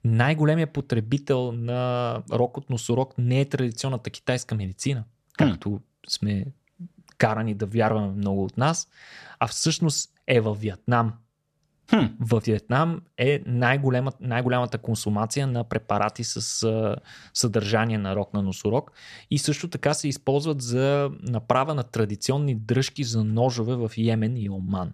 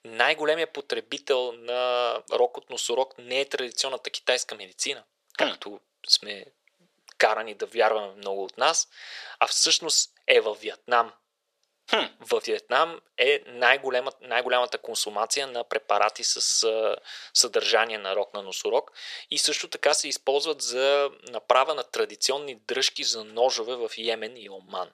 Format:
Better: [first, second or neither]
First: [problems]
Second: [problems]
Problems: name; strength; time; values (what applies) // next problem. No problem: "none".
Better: first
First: none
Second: thin; very; fading below 450 Hz